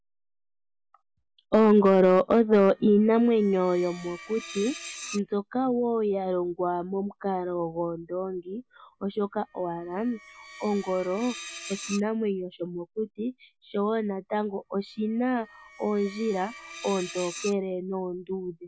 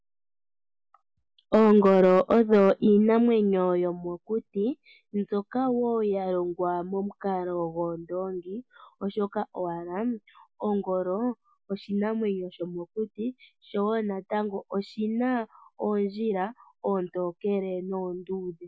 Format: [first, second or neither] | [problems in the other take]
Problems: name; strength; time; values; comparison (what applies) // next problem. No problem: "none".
second | background sound (Screech); 17 dB below the speech